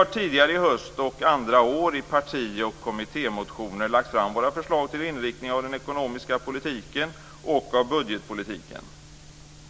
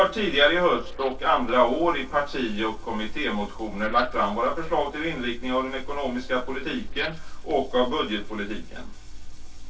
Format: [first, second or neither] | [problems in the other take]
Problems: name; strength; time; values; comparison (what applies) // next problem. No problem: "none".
first | noise reduction (neural separator model SepFormer DNS4)